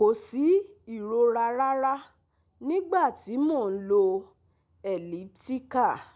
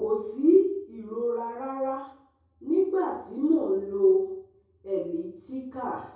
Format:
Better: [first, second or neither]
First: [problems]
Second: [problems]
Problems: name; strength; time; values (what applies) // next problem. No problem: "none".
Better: first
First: none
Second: room echo; dies away in 0.6 s